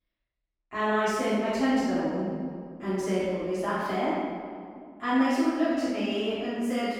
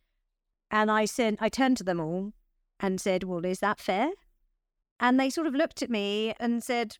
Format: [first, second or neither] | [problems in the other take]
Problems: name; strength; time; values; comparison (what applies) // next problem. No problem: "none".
second | room echo; strong; dies away in 1.9 s // off-mic speech; far